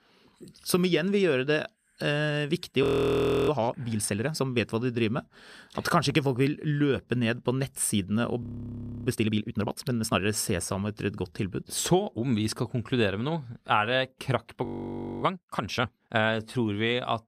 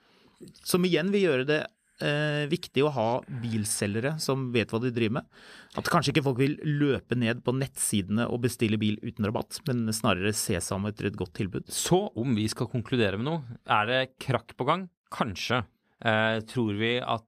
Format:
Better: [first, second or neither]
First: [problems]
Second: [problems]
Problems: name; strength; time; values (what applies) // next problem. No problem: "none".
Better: second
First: audio freezing; at 3 s for 0.5 s, at 8.5 s for 0.5 s and at 15 s for 0.5 s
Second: none